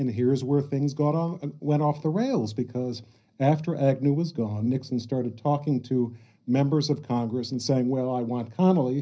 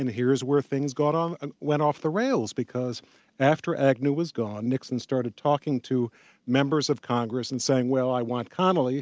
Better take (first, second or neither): second